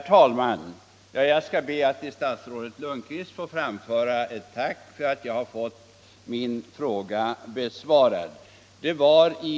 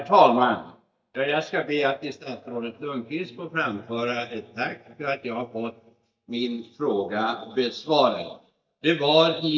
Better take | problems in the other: first | noise reduction (neural mask model DeepFilterNet 3)

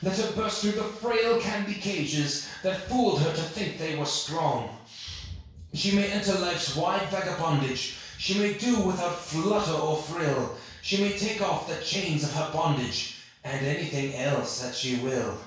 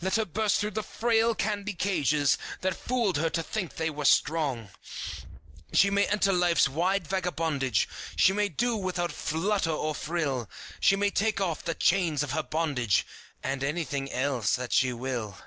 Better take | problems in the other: second | room echo; dies away in 0.6 s

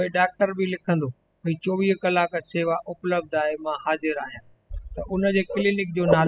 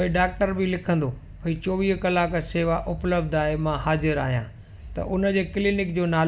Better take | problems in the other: second | noise reduction (classical method spectral subtraction)

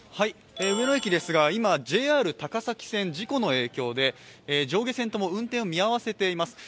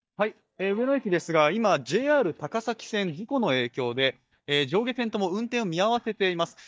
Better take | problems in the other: first | noise reduction (neural mask model DeepFilterNet 3)

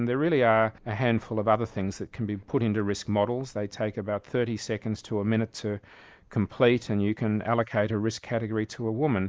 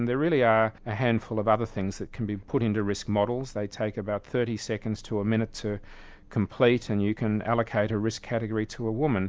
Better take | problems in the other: second | noise reduction (neural mask model Resemble Enhance denoiser)

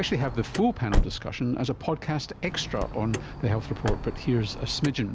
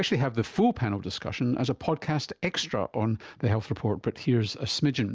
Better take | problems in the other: second | background sound (Car); 4 dB below the speech

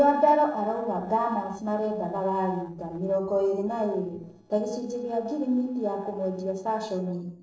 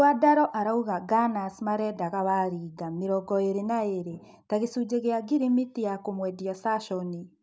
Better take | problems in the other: second | noise reduction (neural separator model SepFormer DNS4)

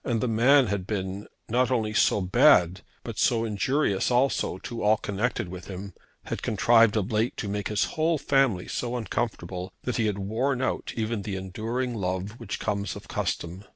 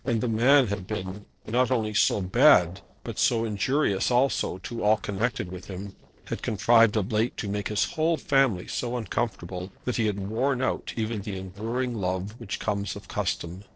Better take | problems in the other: first | noise reduction (neural separator model SepFormer DNS4)

